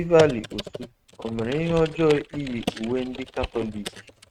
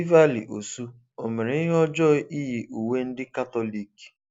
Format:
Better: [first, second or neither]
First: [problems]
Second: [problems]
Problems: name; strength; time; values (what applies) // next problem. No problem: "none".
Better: second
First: noise reduction (neural mask model RNNoise)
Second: none